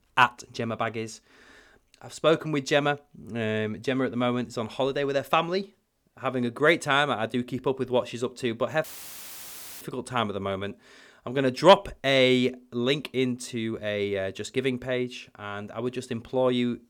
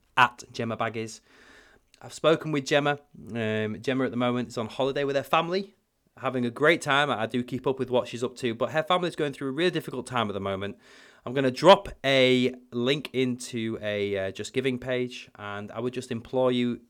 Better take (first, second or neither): second